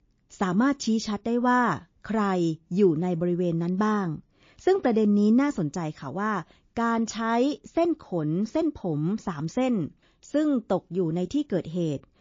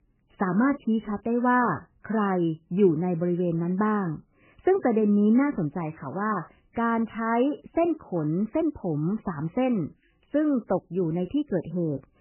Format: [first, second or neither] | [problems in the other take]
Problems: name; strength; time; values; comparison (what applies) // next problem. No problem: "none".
first | garbled, watery; badly; nothing above 3 kHz; slightly in the first